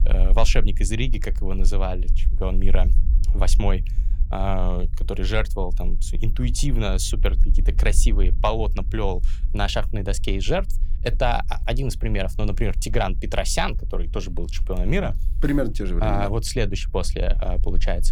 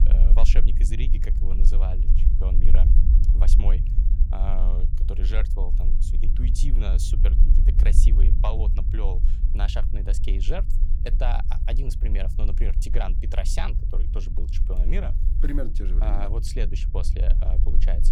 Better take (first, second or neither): first